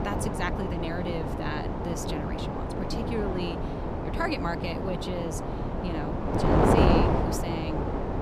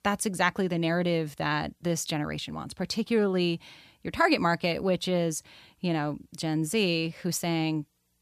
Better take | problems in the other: second | wind noise on the microphone; heavy; 5 dB above the speech

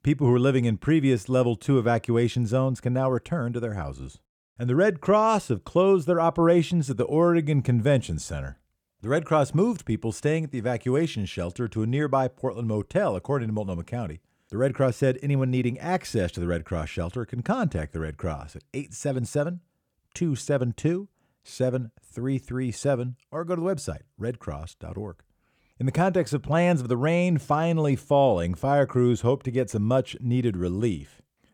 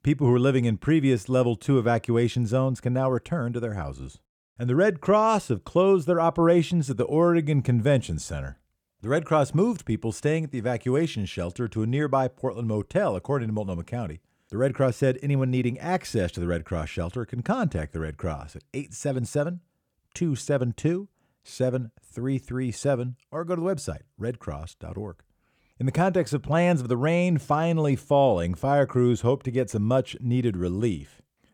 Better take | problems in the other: neither | none

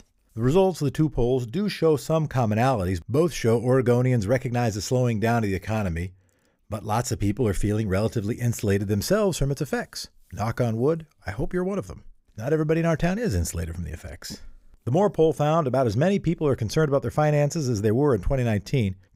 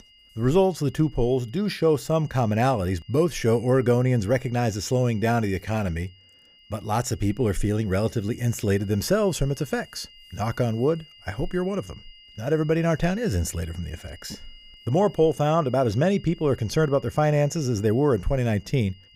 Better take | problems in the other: first | high-pitched whine; faint; throughout; 3 kHz, 25 dB below the speech

